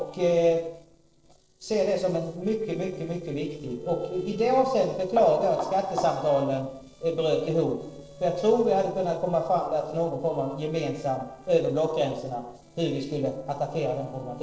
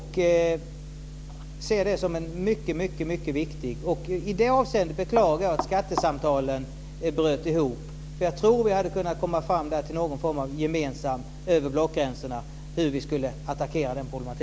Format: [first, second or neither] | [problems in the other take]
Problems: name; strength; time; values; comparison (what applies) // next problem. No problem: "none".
second | noise reduction (neural separator model SepFormer DNS4)